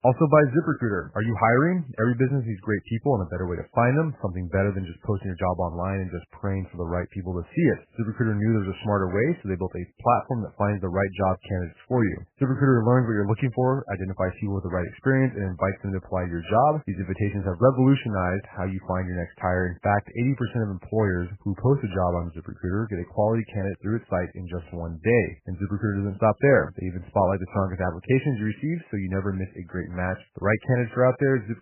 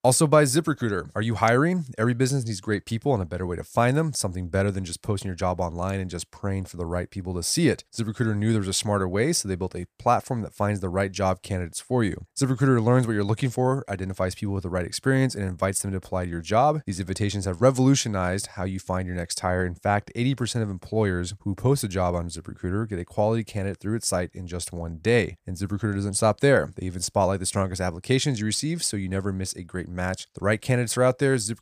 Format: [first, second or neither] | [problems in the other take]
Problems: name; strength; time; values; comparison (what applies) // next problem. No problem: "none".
second | garbled, watery; badly; nothing above 3 kHz